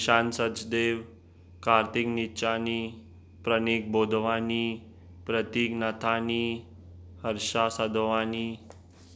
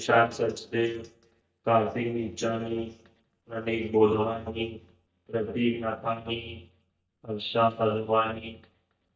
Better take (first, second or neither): first